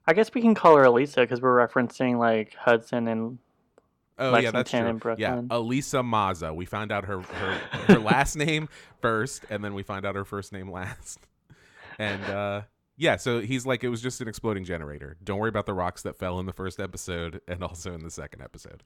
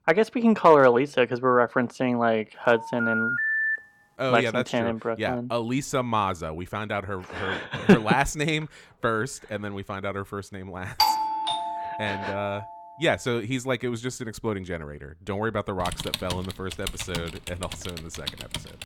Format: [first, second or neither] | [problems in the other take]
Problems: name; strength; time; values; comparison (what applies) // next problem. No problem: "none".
first | phone ringing; loud; from 2.5 to 4 s; peak 2 dB above the speech // doorbell; loud; from 11 to 12 s; peak 3 dB above the speech // keyboard typing; noticeable; from 16 s on; peak 5 dB below the speech